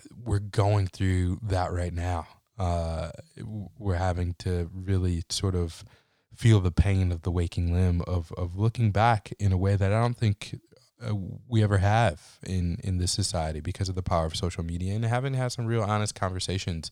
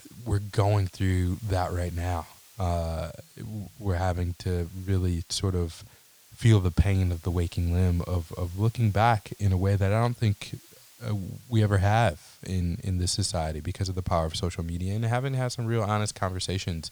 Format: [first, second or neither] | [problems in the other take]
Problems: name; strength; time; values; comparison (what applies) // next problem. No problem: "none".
first | hiss; faint; throughout; 25 dB below the speech